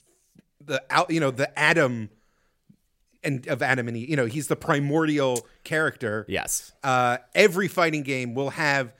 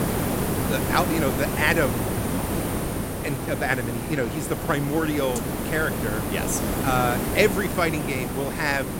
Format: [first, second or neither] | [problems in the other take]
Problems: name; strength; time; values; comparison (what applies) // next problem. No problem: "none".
first | hiss; loud; throughout; 1 dB below the speech